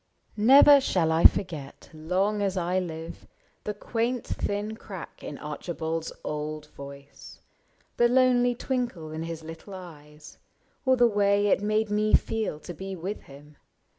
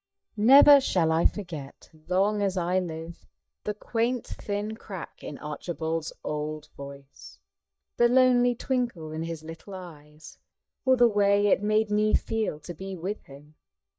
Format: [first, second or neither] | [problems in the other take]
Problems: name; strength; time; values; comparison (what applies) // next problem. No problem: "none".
first | noise reduction (neural mask model DeepFilterNet 3)